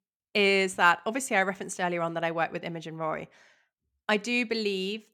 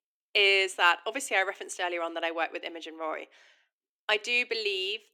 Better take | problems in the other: first | thin; somewhat; fading below 300 Hz

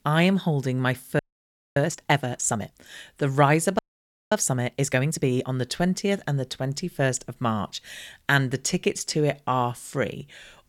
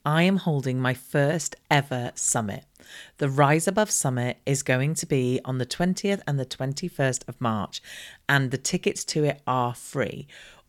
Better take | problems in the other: second | audio freezing; at 1 s for 0.5 s and at 4 s for 0.5 s

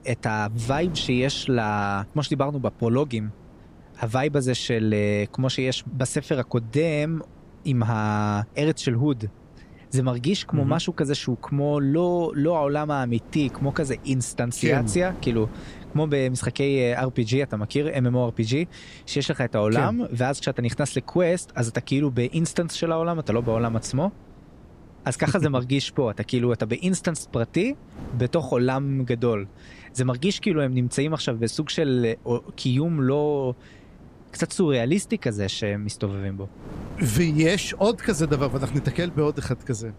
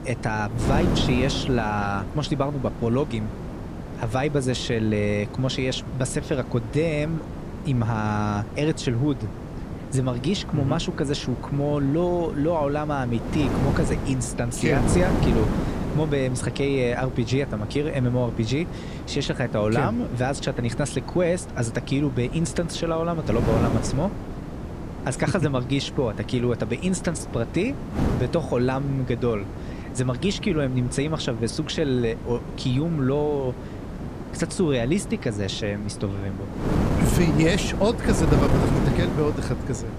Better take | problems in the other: first | wind noise on the microphone; heavy; 7 dB below the speech; occasional gusts in the first

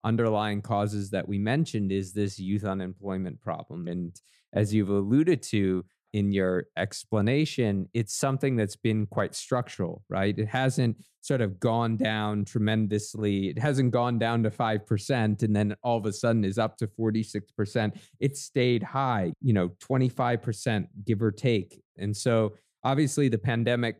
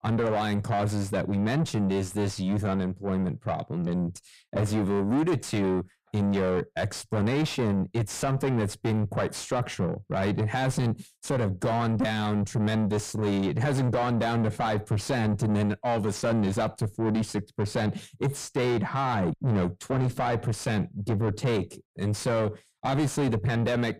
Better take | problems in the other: first | distortion; heavy; 6 dB below the speech

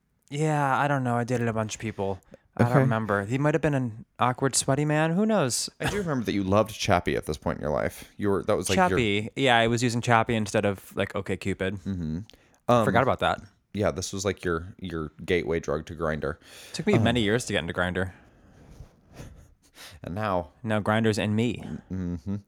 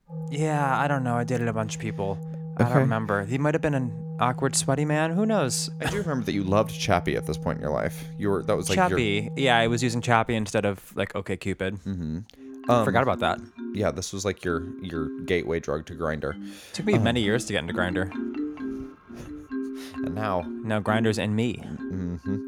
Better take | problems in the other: first | background music; noticeable; throughout; 10 dB below the speech

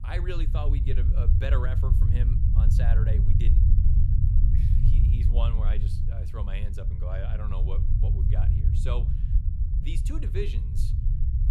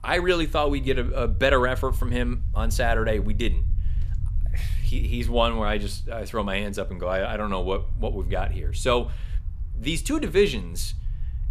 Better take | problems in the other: second | low rumble; loud; throughout; 2 dB below the speech; faint in the second

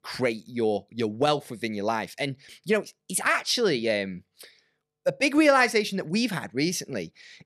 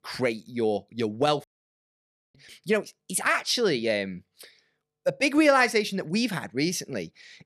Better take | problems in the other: first | audio cutting out; at 1.5 s for 1 s

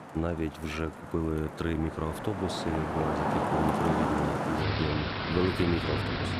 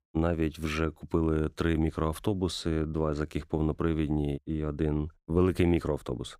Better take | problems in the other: second | traffic noise; very loud; throughout; 1 dB above the speech

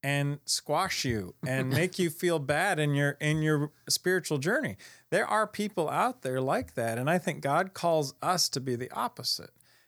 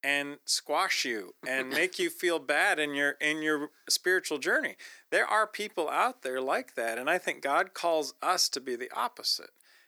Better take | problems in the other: first | thin; somewhat; fading below 300 Hz

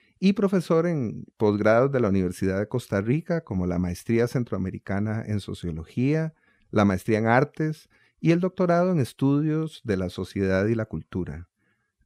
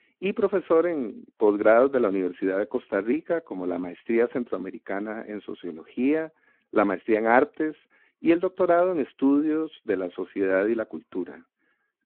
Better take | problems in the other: first | phone-call audio

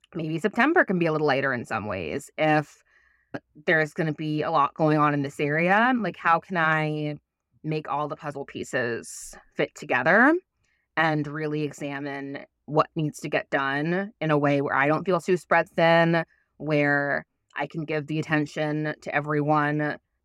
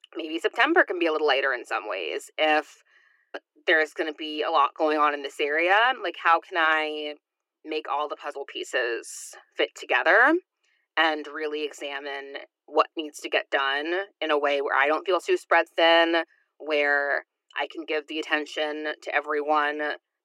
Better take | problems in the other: first | thin; very; fading below 300 Hz

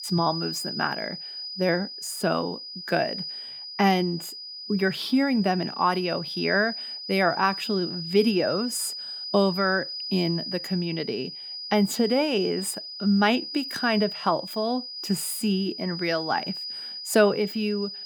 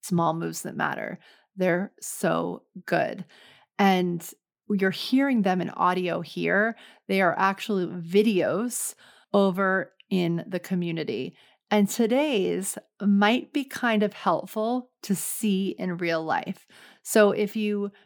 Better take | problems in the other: second | high-pitched whine; loud; throughout; 5 kHz, 7 dB below the speech

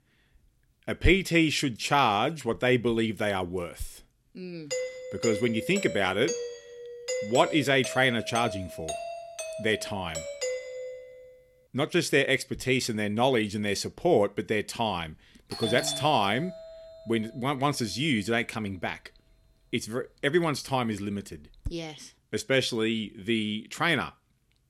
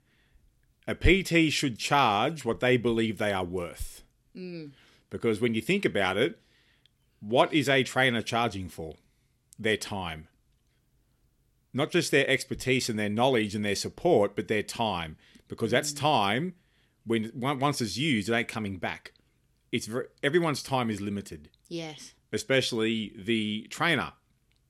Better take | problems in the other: second | doorbell; noticeable; from 4.5 to 11 s and from 16 to 22 s; peak 4 dB below the speech

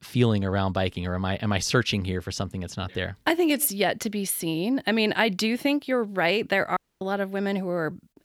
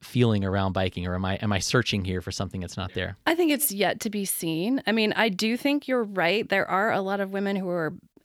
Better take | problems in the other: second | audio cutting out; at 7 s

